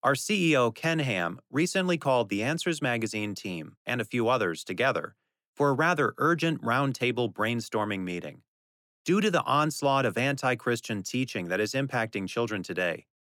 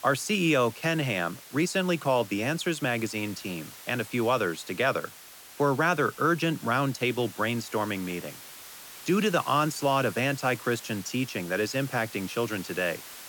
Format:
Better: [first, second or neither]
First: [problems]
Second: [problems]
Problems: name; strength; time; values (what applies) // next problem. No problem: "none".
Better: first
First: none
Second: hiss; noticeable; throughout; 15 dB below the speech